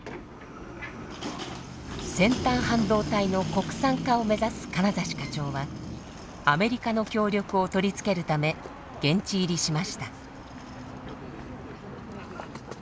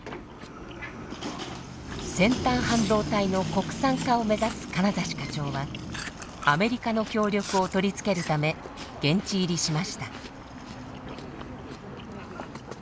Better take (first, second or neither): first